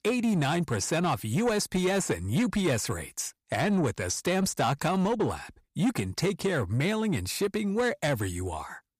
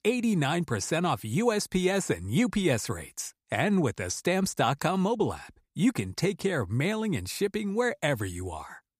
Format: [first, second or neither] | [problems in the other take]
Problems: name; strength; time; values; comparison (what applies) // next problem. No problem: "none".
second | distortion; slight; 10 dB below the speech